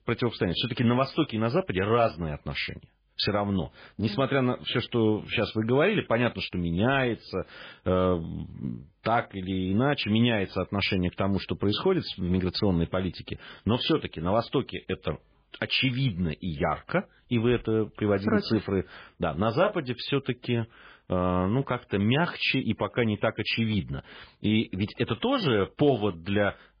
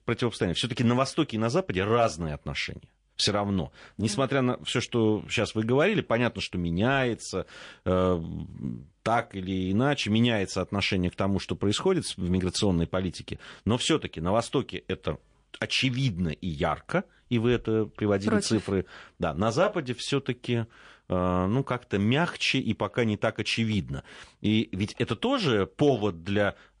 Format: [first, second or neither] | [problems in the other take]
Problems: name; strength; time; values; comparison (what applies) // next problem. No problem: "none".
second | garbled, watery; badly; slightly in the second